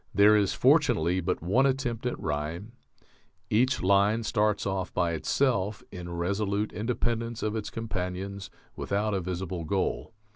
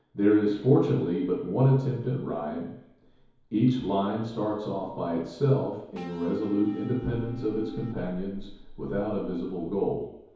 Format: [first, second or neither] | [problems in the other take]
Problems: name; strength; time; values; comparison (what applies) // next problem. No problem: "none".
first | background sound (Electric guitar / Bass guitar); 14 dB below the speech // room echo; dies away in 2.2 s